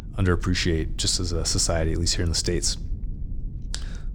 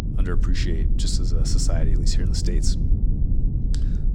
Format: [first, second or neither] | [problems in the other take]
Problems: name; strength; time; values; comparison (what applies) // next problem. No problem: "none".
first | low rumble; loud; throughout; 6 dB below the speech; faint in the first